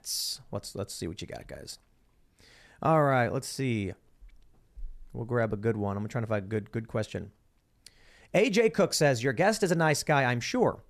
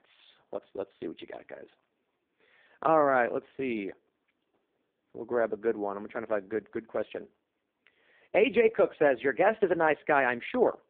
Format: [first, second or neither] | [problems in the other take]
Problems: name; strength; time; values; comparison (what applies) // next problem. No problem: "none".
first | phone-call audio; poor line